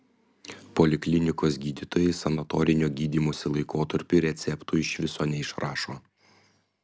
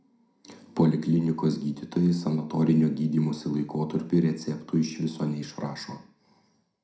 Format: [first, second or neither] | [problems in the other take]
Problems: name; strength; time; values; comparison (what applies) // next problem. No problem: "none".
first | room echo; dies away in 0.4 s